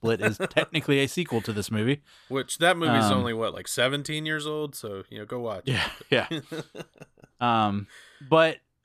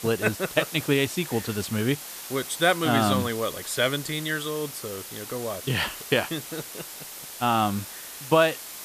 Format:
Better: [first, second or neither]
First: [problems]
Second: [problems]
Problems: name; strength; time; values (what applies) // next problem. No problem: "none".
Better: first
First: none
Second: hiss; noticeable; throughout; 10 dB below the speech